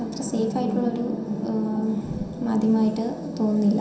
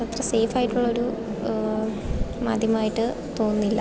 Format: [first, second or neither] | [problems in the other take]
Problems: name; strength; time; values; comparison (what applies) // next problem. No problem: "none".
second | room echo; dies away in 0.7 s